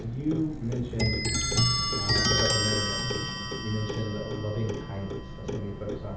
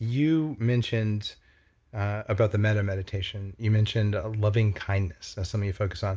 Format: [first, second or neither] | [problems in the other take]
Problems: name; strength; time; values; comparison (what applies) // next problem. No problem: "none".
second | background sound (Clock); 4 dB above the speech // room echo; dies away in 0.8 s